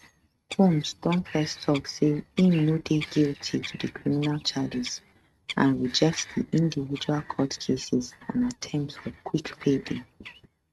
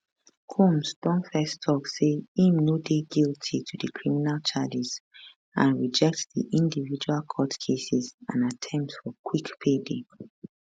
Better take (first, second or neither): second